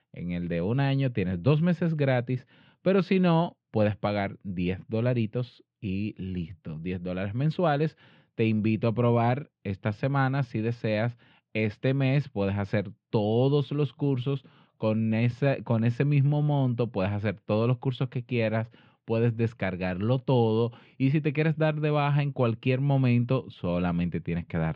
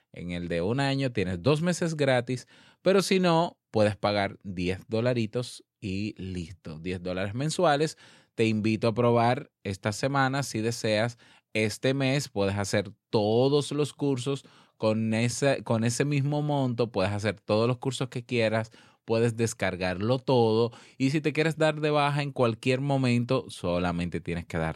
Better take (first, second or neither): second